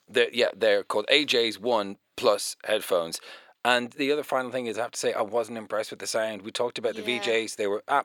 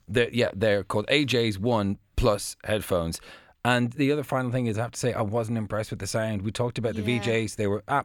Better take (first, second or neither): second